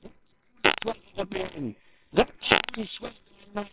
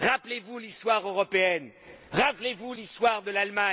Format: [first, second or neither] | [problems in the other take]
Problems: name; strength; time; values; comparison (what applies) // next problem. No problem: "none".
second | noise reduction (neural separator model SepFormer WHAMR!)